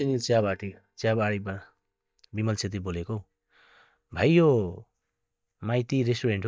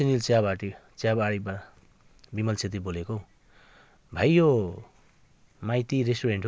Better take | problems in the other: second | noise reduction (neural mask model DeepFilterNet 3)

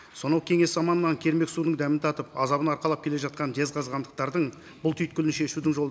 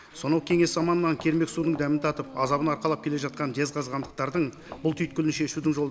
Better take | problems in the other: first | background sound (Dog + Knock); 18 dB below the speech

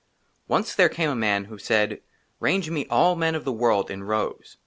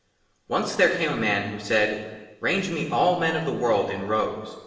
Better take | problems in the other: first | room echo; dies away in 1.1 s

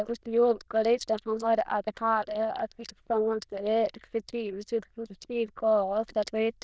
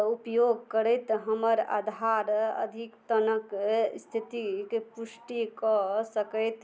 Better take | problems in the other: second | noise reduction (neural diffusion model UNIVERSE++)

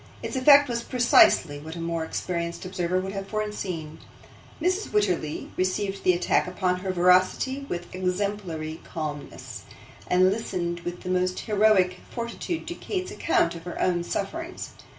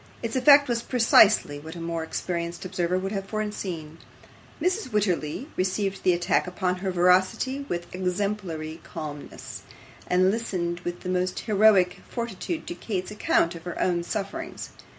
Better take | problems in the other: second | room echo; dies away in 0.3 s

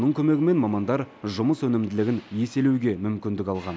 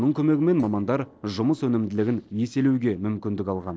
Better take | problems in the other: first | noise reduction (neural separator model SepFormer DNS4)

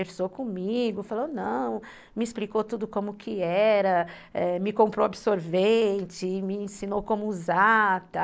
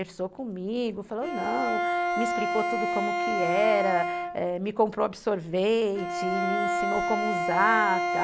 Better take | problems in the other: first | background sound (Bowed string instrument); 1 dB below the speech

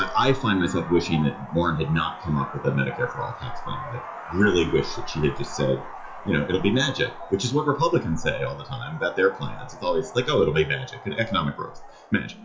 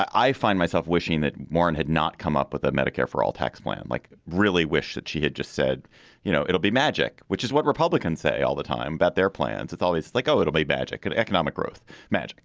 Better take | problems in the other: second | noise reduction (classical method WPE with log-MMSE)

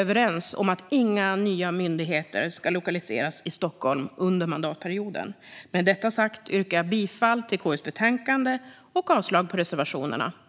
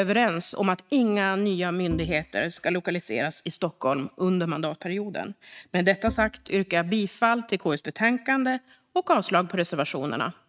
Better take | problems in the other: first | noise reduction (neural mask model RNNoise)

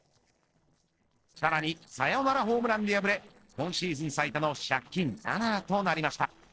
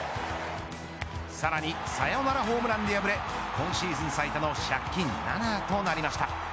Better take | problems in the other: second | noise reduction (neural separator model SepFormer DNS4)

